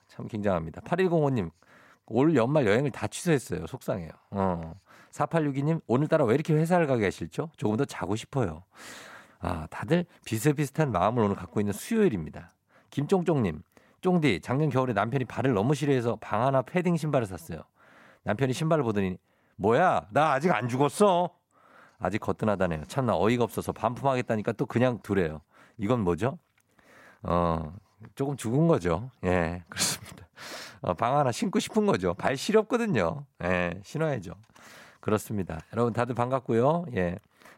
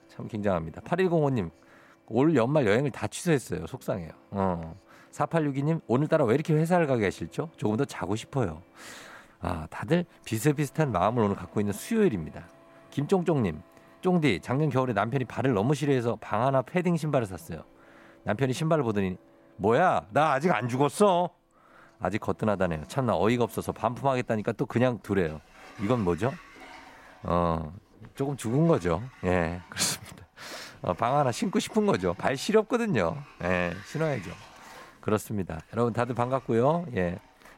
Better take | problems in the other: first | household noises; faint; throughout; 25 dB below the speech

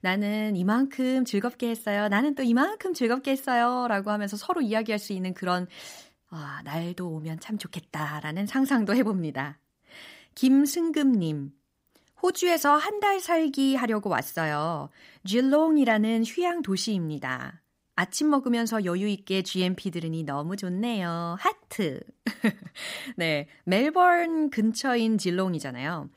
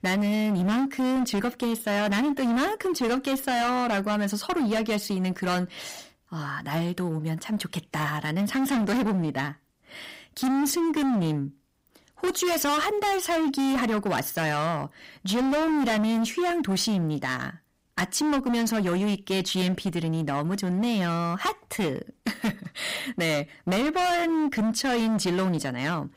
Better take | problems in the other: first | distortion; heavy; 25% of the sound clipped

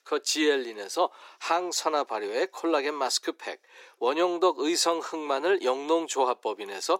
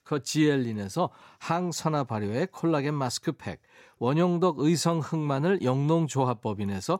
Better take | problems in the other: second | thin; very; fading below 350 Hz

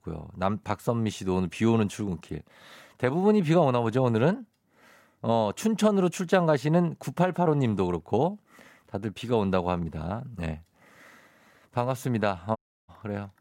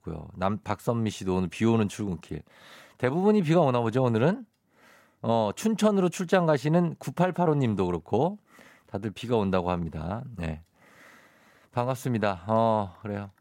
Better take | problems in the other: second | audio cutting out; at 13 s

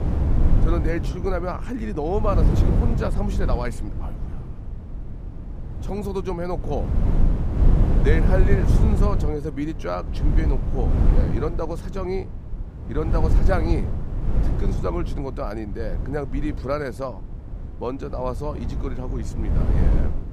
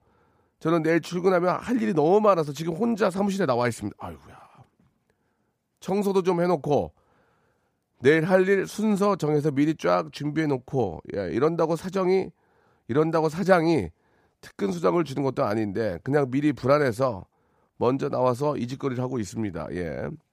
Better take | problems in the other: second | wind noise on the microphone; heavy; 6 dB below the speech

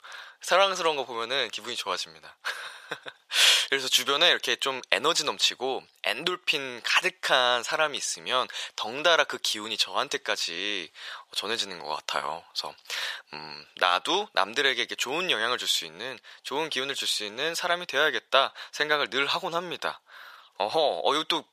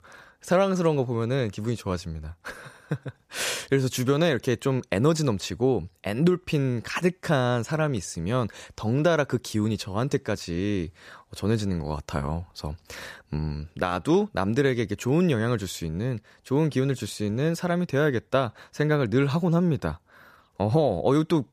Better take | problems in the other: second | thin; very; fading below 850 Hz

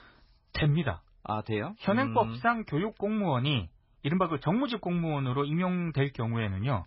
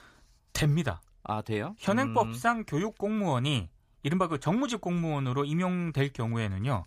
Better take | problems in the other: second | garbled, watery; badly; nothing above 5 kHz

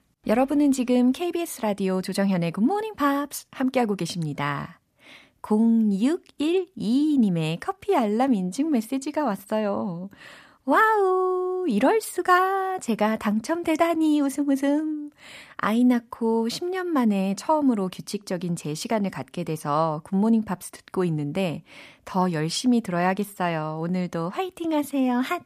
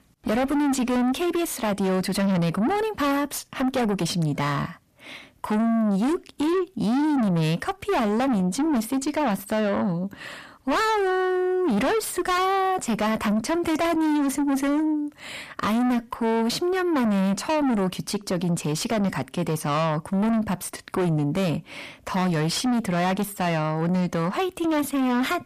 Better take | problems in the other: first | distortion; heavy; 6 dB below the speech

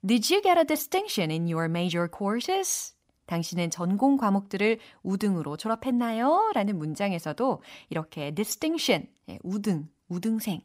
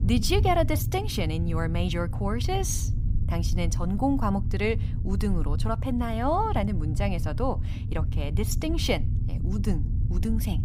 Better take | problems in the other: first | low rumble; noticeable; throughout; 15 dB below the speech

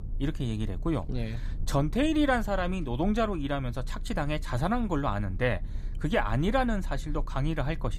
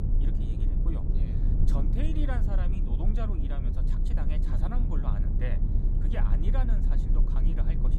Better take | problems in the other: first | low rumble; loud; throughout; 1 dB below the speech; faint in the first

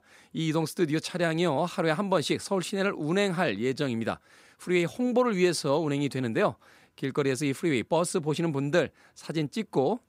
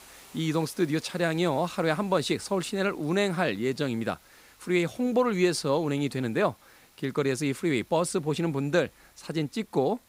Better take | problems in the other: first | hiss; faint; throughout; 25 dB below the speech

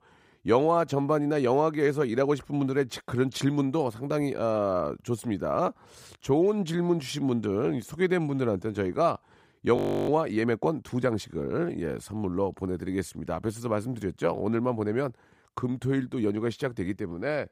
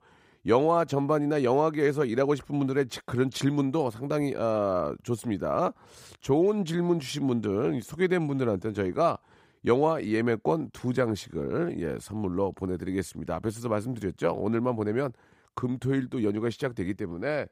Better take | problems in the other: second | audio freezing; at 10 s

